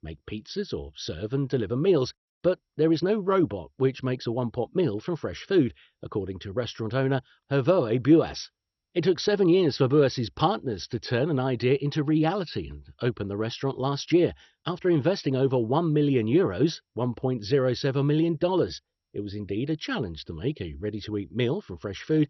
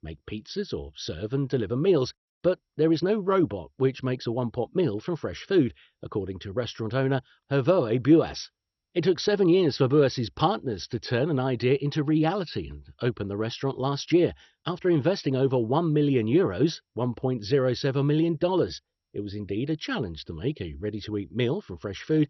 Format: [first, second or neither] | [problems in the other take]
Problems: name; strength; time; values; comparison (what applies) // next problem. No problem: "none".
neither | garbled, watery; slightly; nothing above 6 kHz; the same in both